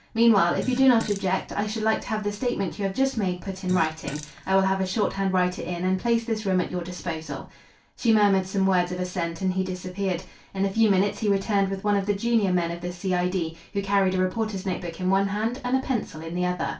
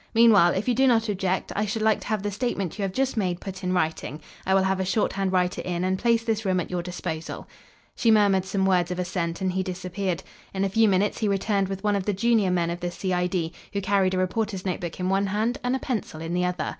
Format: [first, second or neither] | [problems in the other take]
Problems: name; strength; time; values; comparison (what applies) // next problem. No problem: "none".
second | background sound (Fart); 15 dB below the speech // room echo; dies away in 0.2 s